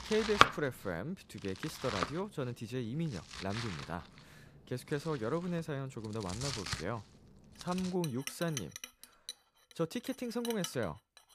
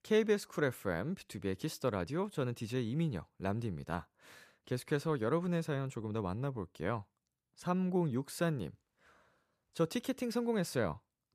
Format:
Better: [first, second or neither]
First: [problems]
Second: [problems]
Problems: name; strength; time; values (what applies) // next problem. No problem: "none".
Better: second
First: household noises; very loud; throughout; 2 dB above the speech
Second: none